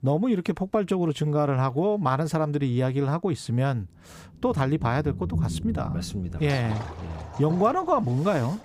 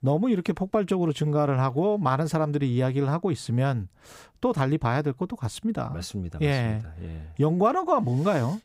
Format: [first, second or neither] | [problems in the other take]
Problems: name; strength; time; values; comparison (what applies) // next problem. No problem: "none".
second | rain or running water; loud; throughout; 10 dB below the speech